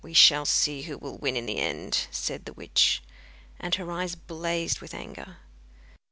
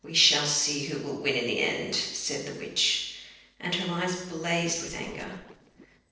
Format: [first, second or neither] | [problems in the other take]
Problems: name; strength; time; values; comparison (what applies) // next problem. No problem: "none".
first | noise reduction (neural separator model SepFormer DNS4)